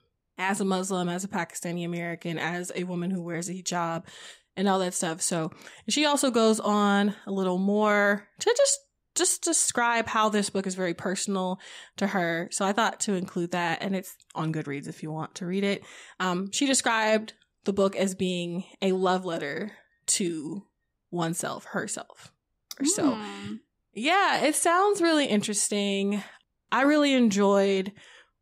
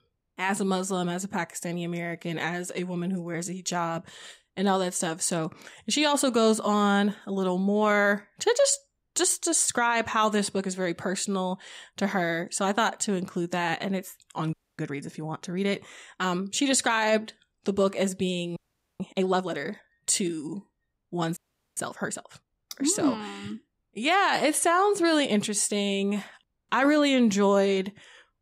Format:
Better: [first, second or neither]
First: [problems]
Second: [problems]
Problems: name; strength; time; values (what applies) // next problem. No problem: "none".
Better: first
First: none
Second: audio freezing; at 15 s, at 19 s and at 21 s